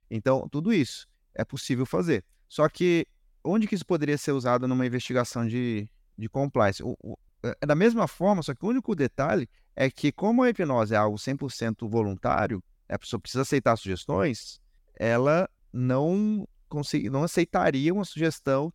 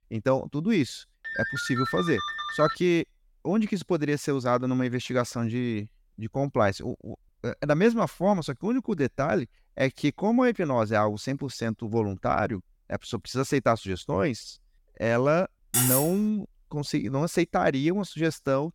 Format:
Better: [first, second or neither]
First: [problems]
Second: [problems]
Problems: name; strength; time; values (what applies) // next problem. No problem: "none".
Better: first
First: none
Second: phone ringing; noticeable; from 1 to 3 s; peak 3 dB below the speech // clattering dishes; loud; at 16 s; peak 5 dB above the speech